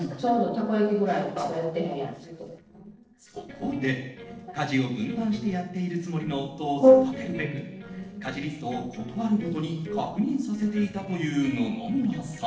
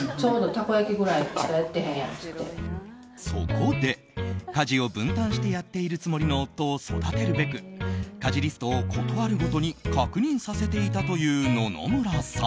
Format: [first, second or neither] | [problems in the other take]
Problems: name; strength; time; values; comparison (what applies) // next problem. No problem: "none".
second | noise reduction (neural separator model SepFormer DNS4)